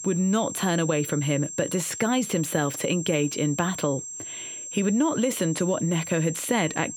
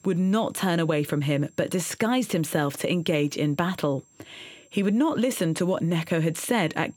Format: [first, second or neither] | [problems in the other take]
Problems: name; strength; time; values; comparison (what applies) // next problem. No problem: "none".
second | high-pitched whine; loud; throughout; 7.5 kHz, 8 dB below the speech; faint in the second